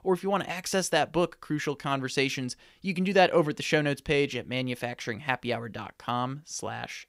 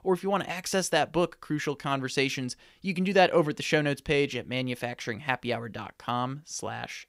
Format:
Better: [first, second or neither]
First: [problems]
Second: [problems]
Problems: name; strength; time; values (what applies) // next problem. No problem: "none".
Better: neither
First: none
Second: none